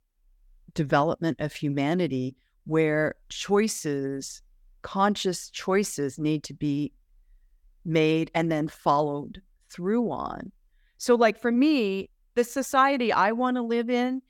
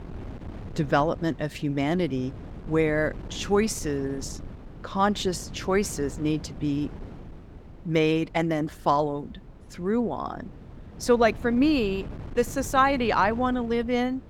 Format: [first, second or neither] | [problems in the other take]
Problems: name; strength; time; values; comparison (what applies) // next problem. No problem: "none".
first | wind noise on the microphone; occasional gusts; 20 dB below the speech